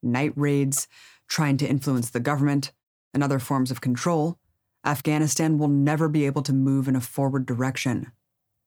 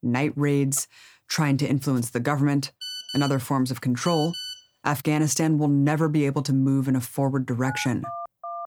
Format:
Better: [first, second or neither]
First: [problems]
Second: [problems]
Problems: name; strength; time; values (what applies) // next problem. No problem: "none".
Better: first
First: none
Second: phone ringing; noticeable; from 3 to 4.5 s; peak 8 dB below the speech // phone ringing; faint; from 7.5 s on; peak 10 dB below the speech